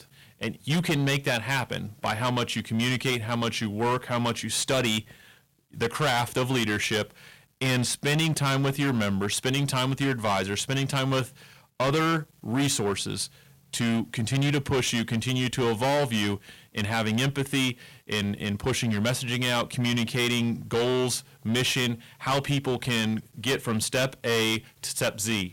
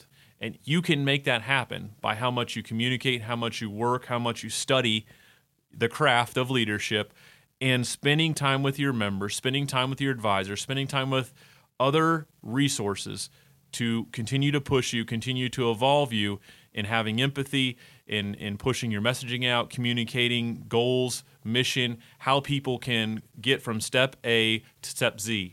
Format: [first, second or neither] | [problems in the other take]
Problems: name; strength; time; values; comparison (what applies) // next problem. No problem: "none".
second | distortion; heavy; 14% of the sound clipped